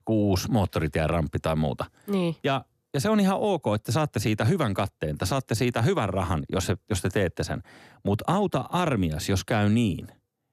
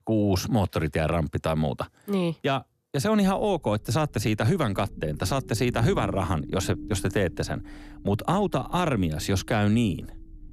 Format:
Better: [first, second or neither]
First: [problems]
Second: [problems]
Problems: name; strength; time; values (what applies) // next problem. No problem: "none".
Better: first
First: none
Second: low rumble; noticeable; from 3 s on; 20 dB below the speech